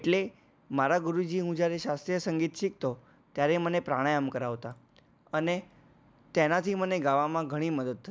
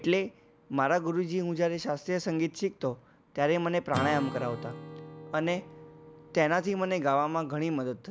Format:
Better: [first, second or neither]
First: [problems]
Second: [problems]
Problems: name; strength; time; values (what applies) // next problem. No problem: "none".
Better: first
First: none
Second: background sound (Acoustic guitar / Strum); 14 dB below the speech